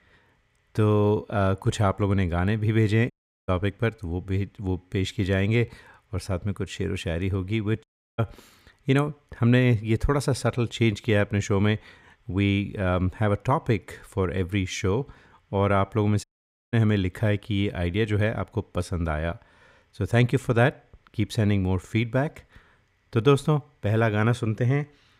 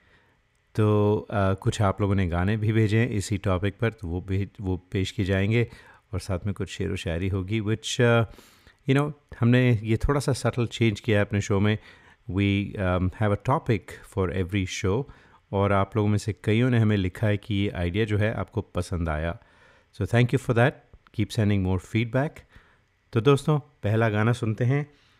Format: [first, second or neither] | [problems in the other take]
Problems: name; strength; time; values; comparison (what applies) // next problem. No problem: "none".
second | audio cutting out; at 3 s, at 8 s and at 16 s